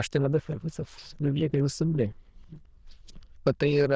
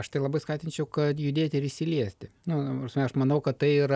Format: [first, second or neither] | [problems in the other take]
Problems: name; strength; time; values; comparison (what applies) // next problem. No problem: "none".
second | noise reduction (neural diffusion model UNIVERSE++)